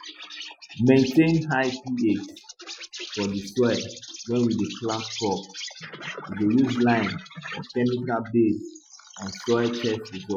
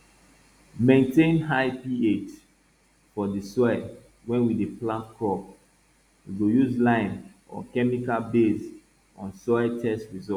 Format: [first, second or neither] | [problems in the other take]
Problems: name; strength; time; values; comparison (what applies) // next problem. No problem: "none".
second | noise reduction (classical method Wiener filter)